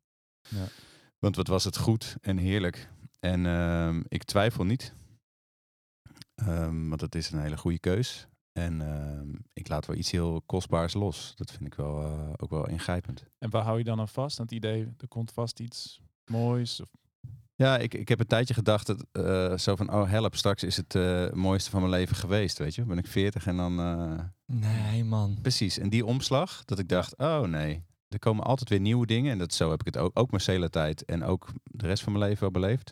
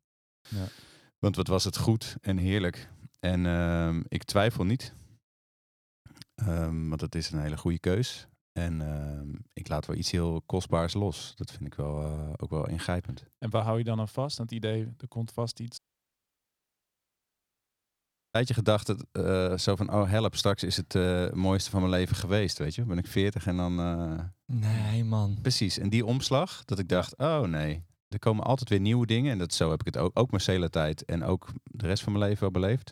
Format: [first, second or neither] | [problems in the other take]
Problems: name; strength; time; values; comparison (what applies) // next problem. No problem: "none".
first | audio cutting out; at 16 s for 2.5 s